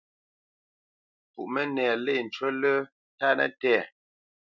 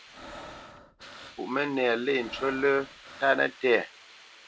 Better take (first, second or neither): first